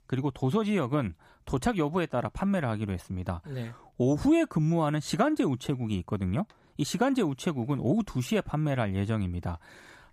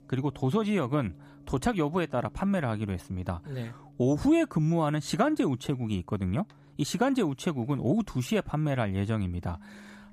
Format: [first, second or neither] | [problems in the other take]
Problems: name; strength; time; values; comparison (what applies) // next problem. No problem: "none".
first | background music; faint; throughout; 25 dB below the speech